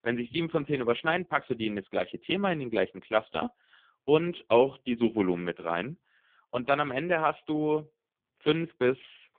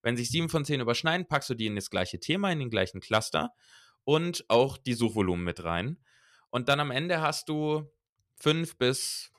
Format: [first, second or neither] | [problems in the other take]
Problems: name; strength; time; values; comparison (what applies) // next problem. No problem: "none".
second | phone-call audio; poor line